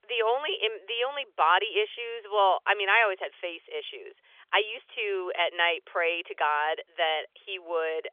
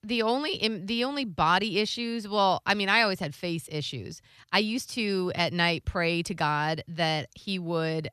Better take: second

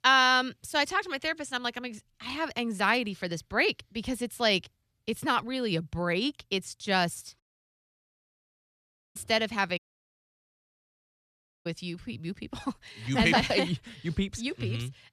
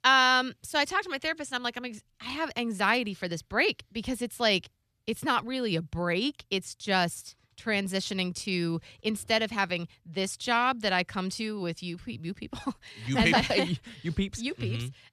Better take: second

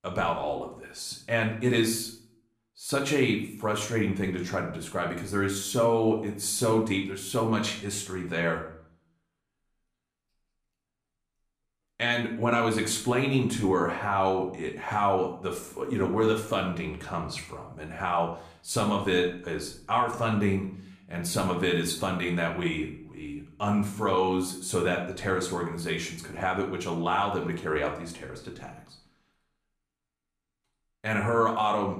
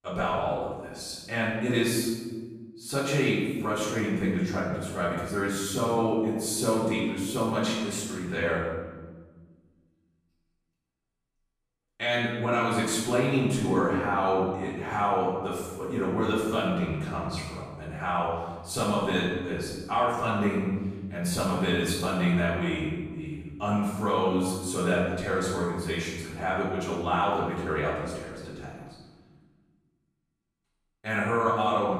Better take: first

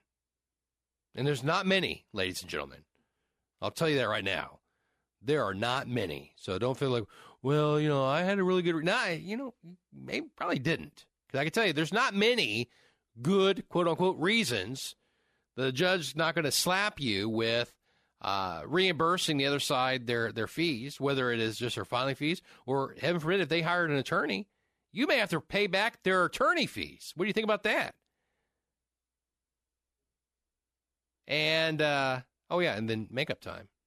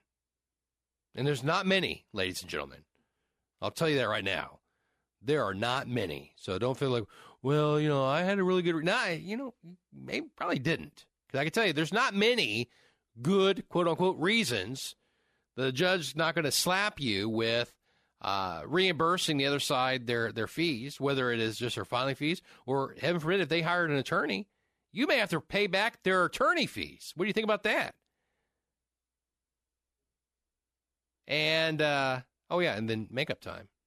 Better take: neither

